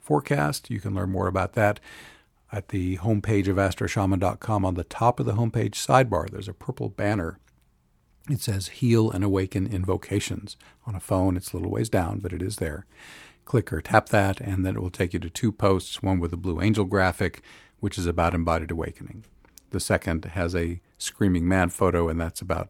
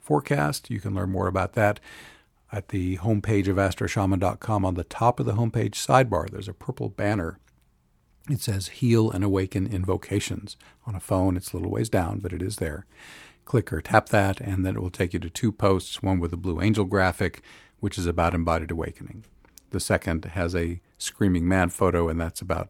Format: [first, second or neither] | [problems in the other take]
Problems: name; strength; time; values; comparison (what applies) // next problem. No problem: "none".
neither | none